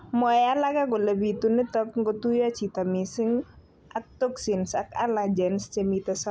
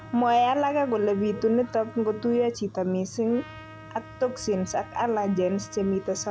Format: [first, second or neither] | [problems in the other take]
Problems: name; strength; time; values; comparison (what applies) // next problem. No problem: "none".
first | background sound (Tools + Trumpet); 19 dB below the speech